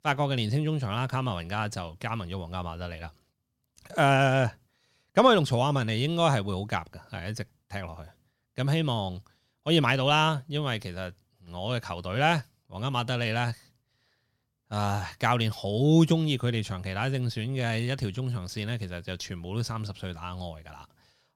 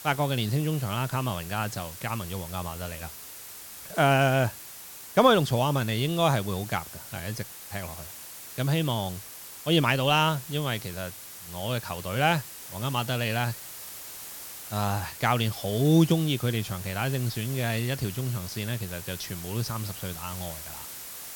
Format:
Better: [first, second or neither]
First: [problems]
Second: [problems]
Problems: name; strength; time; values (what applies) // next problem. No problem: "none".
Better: first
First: none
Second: hiss; noticeable; throughout; 10 dB below the speech